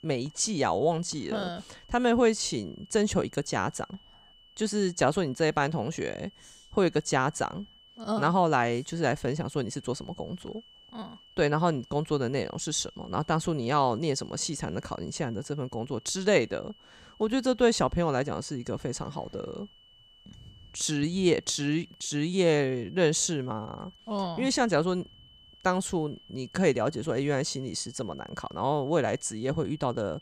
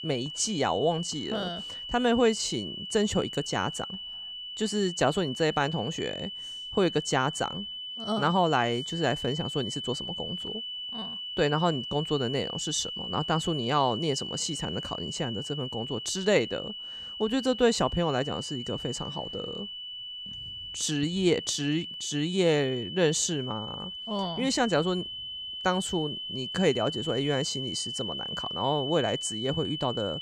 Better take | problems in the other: first | high-pitched whine; loud; throughout; 3 kHz, 6 dB below the speech; faint in the first

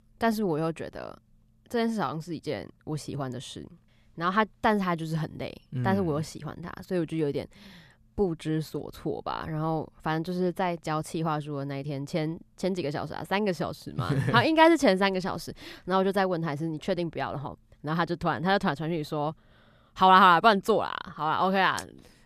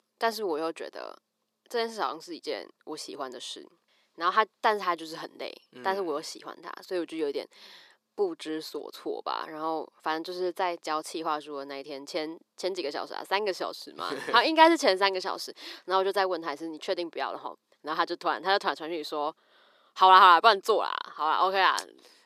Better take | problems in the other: first | thin; very; fading below 350 Hz

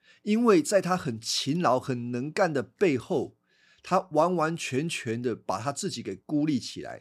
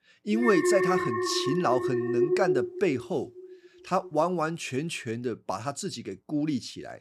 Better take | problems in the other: first | alarm; loud; until 3 s; peak 4 dB above the speech

